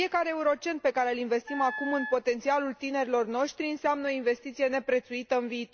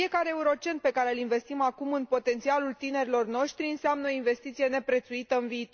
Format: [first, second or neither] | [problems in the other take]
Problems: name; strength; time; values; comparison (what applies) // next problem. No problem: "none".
second | background sound (Wind instrument, woodwind instrument); 9 dB below the speech